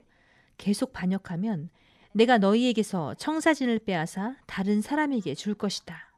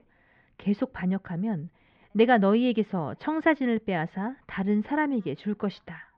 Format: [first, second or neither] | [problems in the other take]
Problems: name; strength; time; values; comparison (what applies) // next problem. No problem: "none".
first | muffled; very; fading above 3 kHz